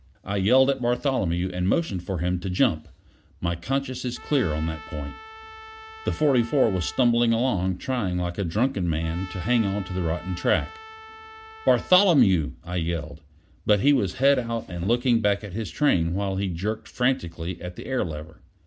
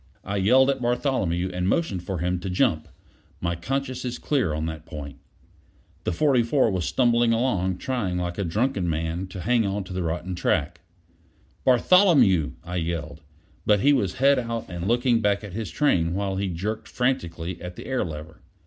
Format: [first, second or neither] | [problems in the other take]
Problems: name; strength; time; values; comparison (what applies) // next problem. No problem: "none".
second | background sound (Trumpet); 18 dB below the speech